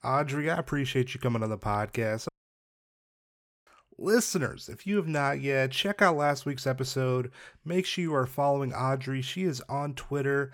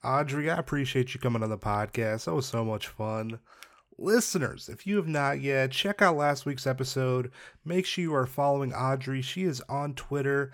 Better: second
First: audio cutting out; at 2.5 s for 1.5 s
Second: none

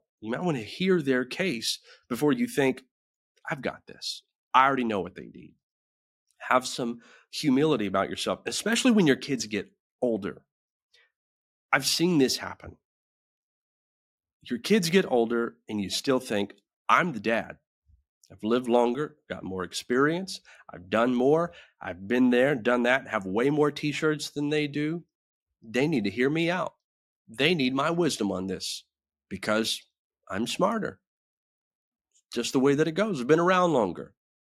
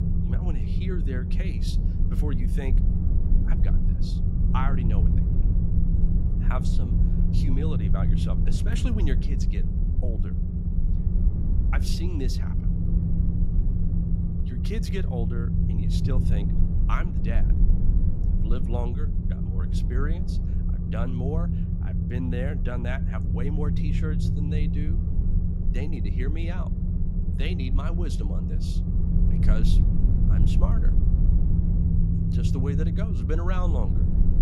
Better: first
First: none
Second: low rumble; loud; throughout; 1 dB below the speech

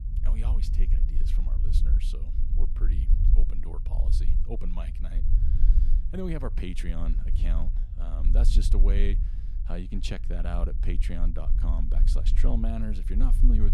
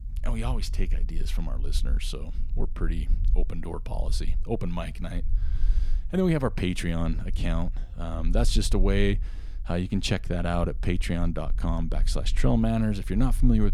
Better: second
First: low rumble; loud; throughout; 8 dB below the speech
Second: low rumble; faint; throughout; 20 dB below the speech

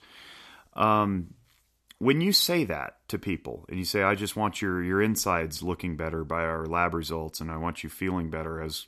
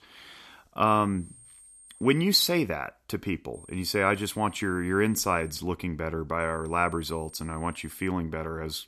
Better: first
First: none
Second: high-pitched whine; faint; from 1 to 2 s, from 3.5 to 5.5 s and from 6.5 to 8 s; 8.5 kHz, 20 dB below the speech

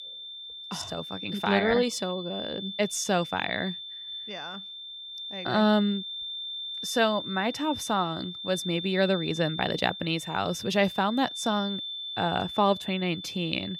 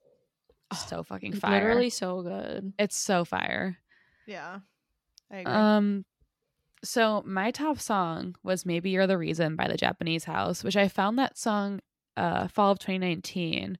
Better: second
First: high-pitched whine; loud; throughout; 3.5 kHz, 8 dB below the speech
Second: none

